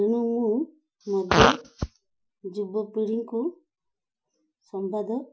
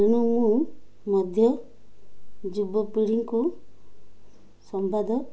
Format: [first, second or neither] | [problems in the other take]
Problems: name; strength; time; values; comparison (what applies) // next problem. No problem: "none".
second | noise reduction (classical method Wiener filter)